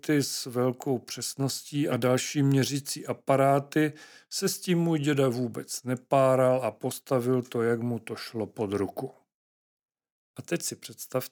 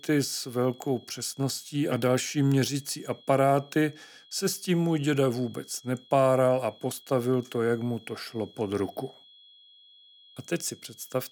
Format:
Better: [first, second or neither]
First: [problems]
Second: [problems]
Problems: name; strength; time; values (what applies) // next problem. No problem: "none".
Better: first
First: none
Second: high-pitched whine; faint; throughout; 3.5 kHz, 25 dB below the speech